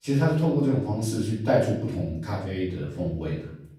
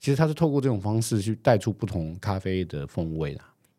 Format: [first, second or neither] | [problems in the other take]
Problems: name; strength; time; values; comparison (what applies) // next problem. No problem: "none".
second | room echo; noticeable; dies away in 0.6 s // off-mic speech; far